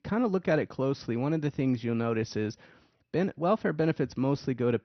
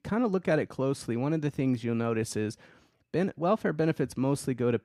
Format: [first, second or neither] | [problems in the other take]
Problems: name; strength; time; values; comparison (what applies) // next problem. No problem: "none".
second | garbled, watery; slightly; nothing above 6 kHz